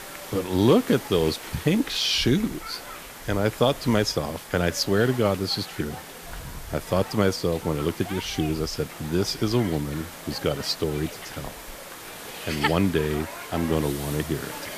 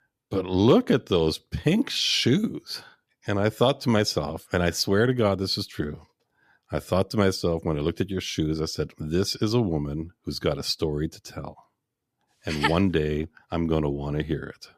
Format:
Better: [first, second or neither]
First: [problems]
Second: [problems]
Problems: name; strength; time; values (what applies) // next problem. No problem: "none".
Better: second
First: hiss; noticeable; throughout; 10 dB below the speech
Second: none